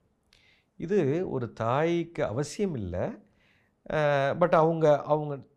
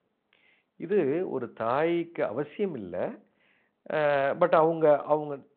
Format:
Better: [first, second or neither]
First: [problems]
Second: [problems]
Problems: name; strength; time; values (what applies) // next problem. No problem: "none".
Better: first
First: none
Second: phone-call audio; nothing above 4 kHz